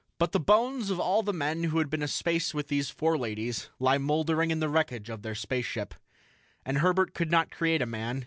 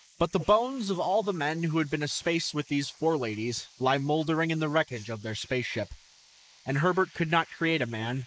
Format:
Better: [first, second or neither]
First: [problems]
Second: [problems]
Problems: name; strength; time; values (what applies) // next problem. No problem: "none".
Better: first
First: none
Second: noise reduction (neural mask model Resemble Enhance denoiser)